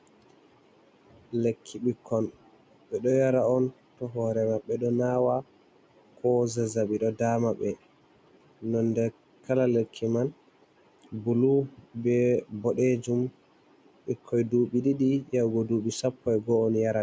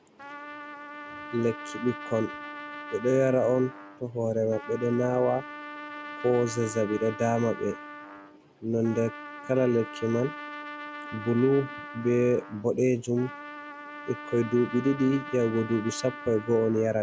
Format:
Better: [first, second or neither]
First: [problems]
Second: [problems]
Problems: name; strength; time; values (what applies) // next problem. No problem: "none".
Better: first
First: none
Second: background sound (Trumpet); 13 dB below the speech